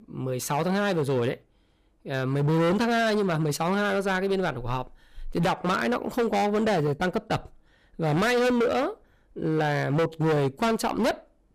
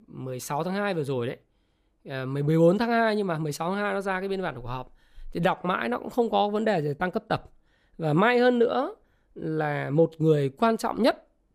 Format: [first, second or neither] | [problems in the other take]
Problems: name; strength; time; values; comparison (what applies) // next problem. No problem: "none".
second | distortion; heavy; 17% of the sound clipped